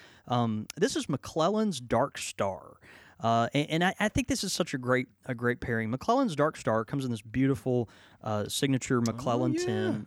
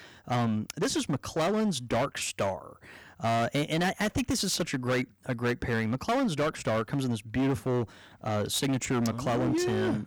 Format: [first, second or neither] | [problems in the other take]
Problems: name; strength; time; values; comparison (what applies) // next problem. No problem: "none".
first | distortion; heavy; 16% of the sound clipped